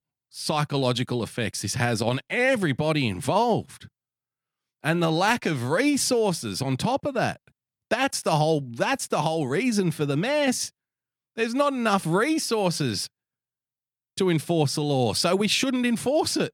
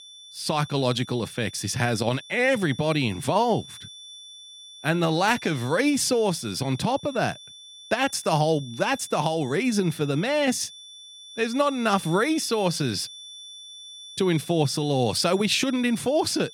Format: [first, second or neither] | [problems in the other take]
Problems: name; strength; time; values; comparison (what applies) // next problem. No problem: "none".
first | high-pitched whine; noticeable; throughout; 3.5 kHz, 15 dB below the speech